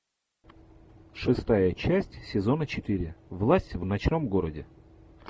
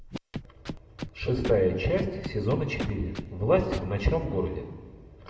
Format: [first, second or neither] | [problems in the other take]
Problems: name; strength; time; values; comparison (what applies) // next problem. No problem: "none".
first | background sound (Scratching (performance technique)); 12 dB below the speech // room echo; dies away in 1.5 s